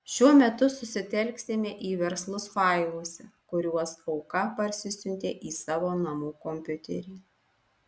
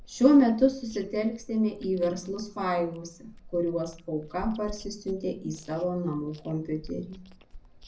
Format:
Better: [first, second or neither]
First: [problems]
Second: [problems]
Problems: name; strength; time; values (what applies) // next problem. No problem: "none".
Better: first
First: none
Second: background sound (Chewing, mastication); 19 dB below the speech // room echo; dies away in 0.4 s